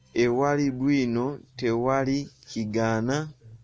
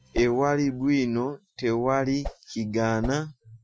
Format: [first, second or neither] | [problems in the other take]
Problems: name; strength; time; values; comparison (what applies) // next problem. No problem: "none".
first | noise reduction (classical method Wiener filter)